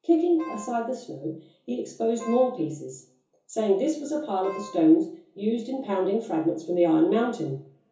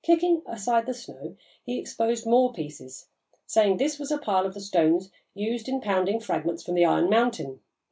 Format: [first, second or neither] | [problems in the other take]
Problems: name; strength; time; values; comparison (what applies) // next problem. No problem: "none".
second | background sound (Wind instrument, woodwind instrument); 16 dB below the speech // room echo; dies away in 0.7 s